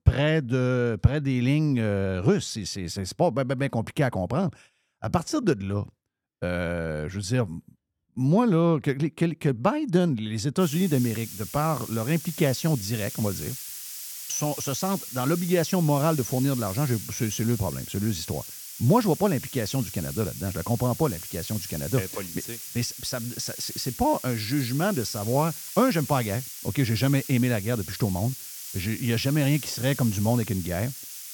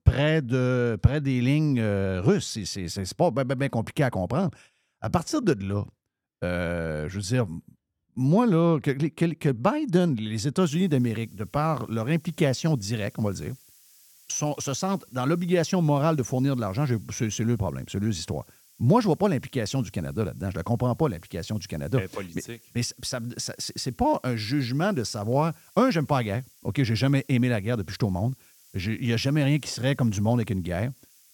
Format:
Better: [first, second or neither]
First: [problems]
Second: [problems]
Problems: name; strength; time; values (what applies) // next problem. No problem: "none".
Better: second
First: hiss; loud; from 11 s on; 9 dB below the speech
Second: hiss; faint; from 11 s on; 25 dB below the speech